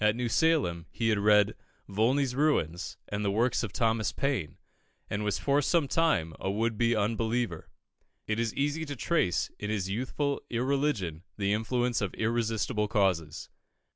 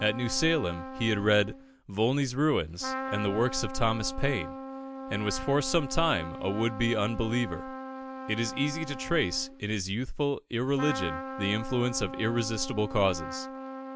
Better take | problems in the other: first | background sound (Trumpet); 10 dB below the speech

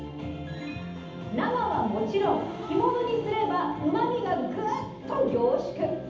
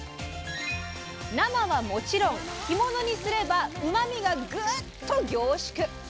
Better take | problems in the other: second | room echo; dies away in 0.8 s

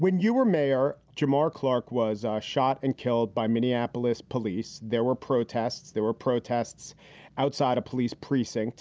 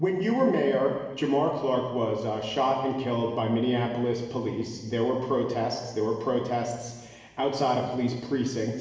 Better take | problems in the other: first | room echo; dies away in 1.3 s

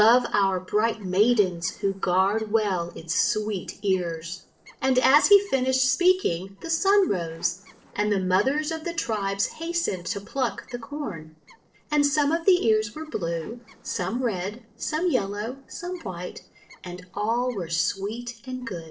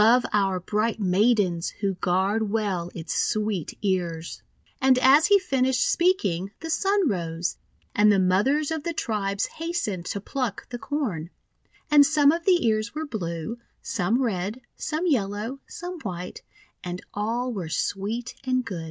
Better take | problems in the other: second | noise reduction (neural separator model SepFormer DNS4)

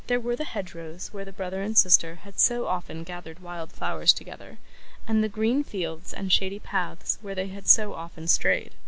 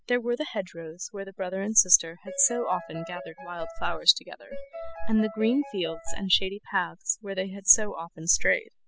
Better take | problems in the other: first | noise reduction (classical method spectral subtraction)

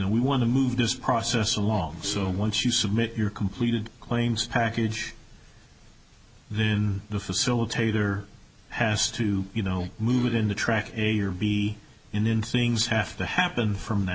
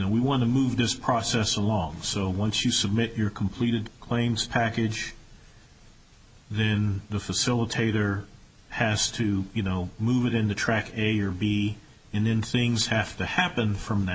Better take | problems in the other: second | background sound (Cough); 15 dB below the speech

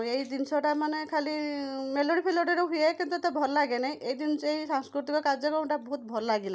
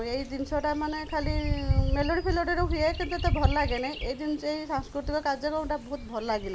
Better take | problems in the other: first | background sound (Bird vocalization, bird call, bird song); 1 dB below the speech

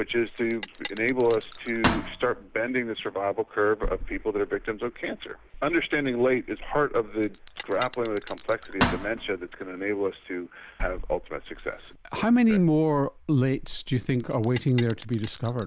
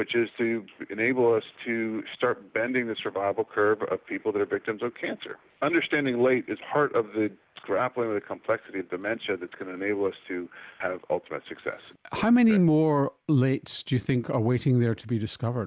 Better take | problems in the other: second | background sound (Bell); 10 dB below the speech

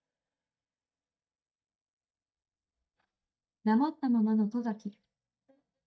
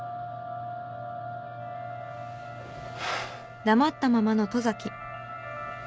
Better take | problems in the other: second | noise reduction (neural mask model DeepFilterNet 3)

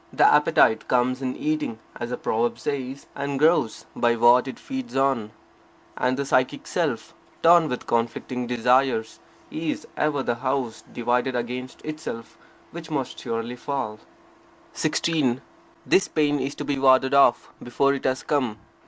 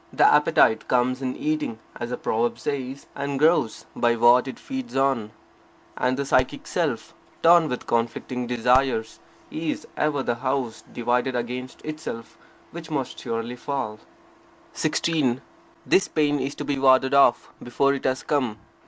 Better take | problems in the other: first | background sound (Fireworks); 15 dB below the speech

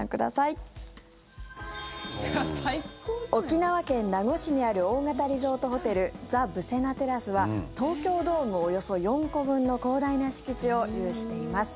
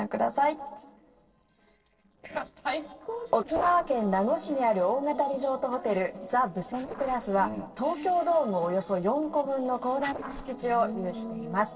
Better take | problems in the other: first | noise reduction (neural separator model SepFormer DNS4)

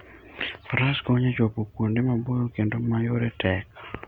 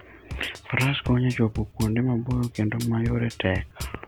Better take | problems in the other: first | background sound (Bass drum / Drum kit); 12 dB below the speech

